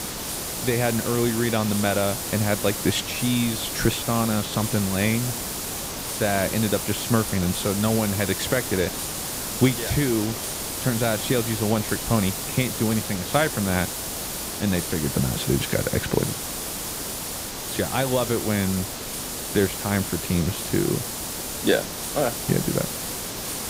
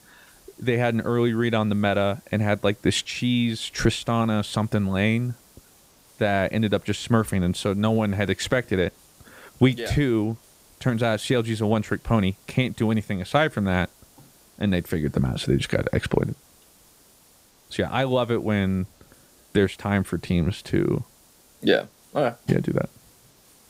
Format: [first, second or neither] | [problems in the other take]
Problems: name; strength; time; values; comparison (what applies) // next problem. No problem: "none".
second | hiss; loud; throughout; 3 dB below the speech; faint in the second